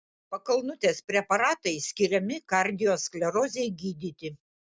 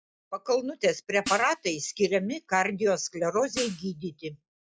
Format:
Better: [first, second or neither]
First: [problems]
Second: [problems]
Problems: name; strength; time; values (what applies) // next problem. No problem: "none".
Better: first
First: none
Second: noise reduction (classical method log-MMSE)